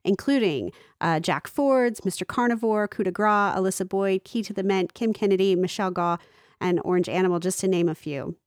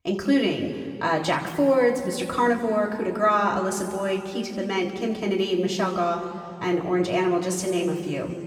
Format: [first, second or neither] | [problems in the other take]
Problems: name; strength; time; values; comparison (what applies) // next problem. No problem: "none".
first | room echo; noticeable; dies away in 1.9 s // off-mic speech; somewhat distant